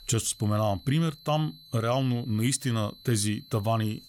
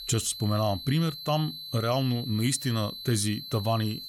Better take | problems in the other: first | high-pitched whine; loud; throughout; 4 kHz, 9 dB below the speech; faint in the first

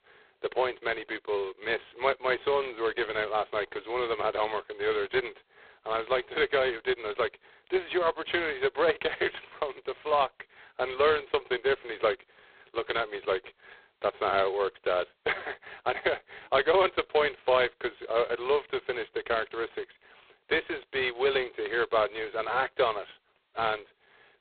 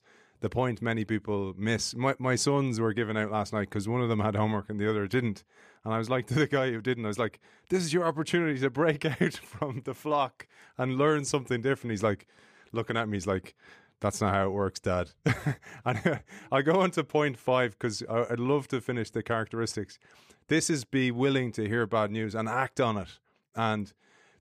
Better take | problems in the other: second | phone-call audio; poor line; nothing above 4 kHz

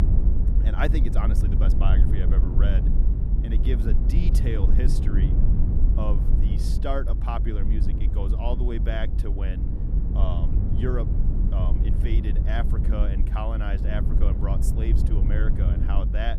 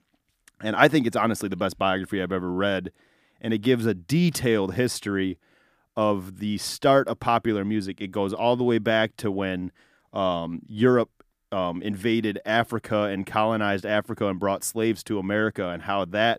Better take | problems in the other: second | low rumble; loud; throughout; 4 dB below the speech

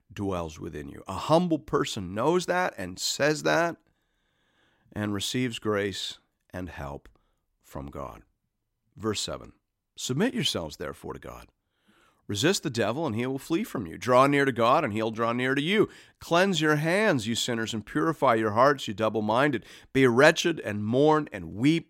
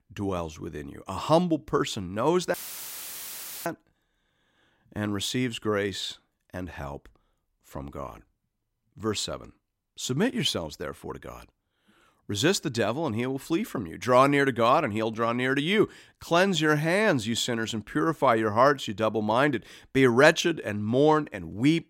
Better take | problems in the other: first | audio cutting out; filled with static; at 2.5 s for 1 s

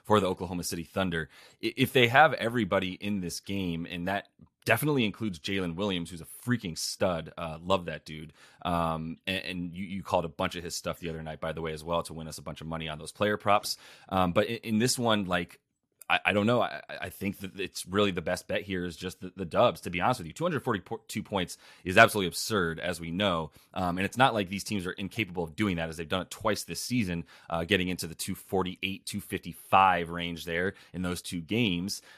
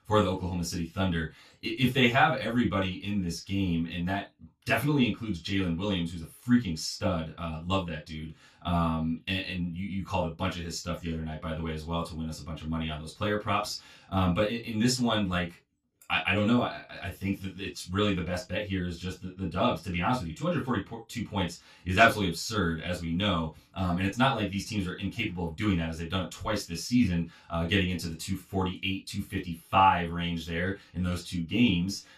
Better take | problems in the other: first | room echo; slight; dies away in 0.2 s // off-mic speech; far

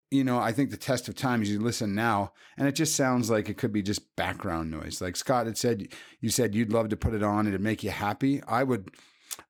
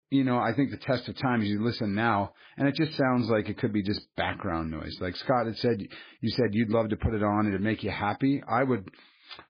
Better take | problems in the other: first | garbled, watery; badly; nothing above 5 kHz

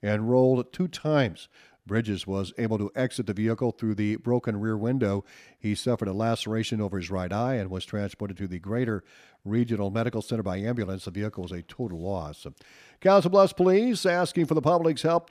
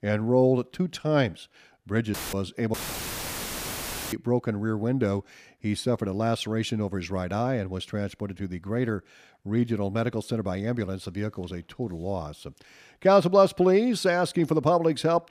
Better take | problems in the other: first | audio cutting out; filled with static; at 2 s and at 2.5 s for 1.5 s

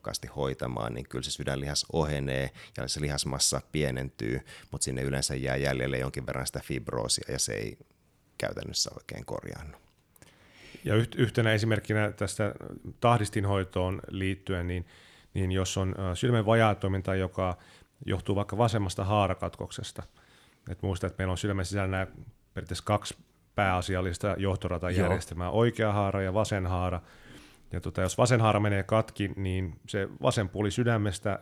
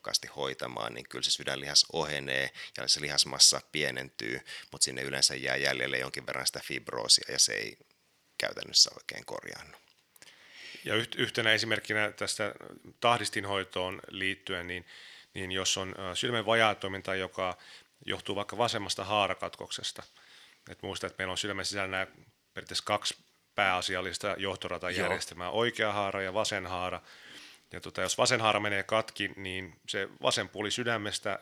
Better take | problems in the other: first | thin; somewhat; fading below 600 Hz

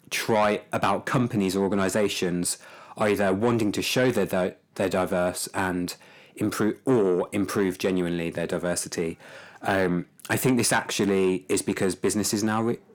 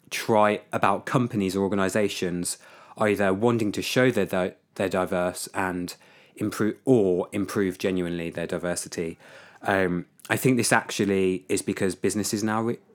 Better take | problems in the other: second | distortion; slight; 10 dB below the speech

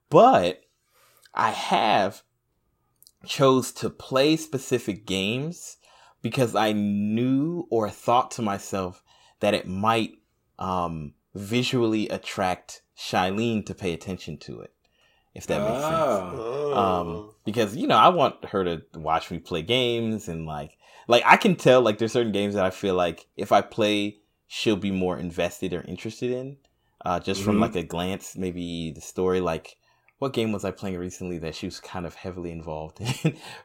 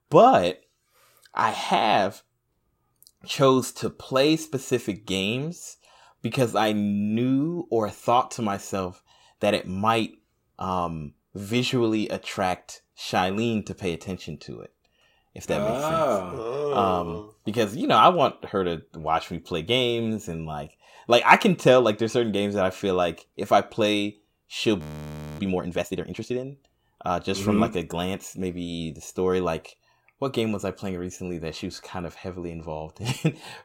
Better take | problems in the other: first | audio freezing; at 25 s for 0.5 s

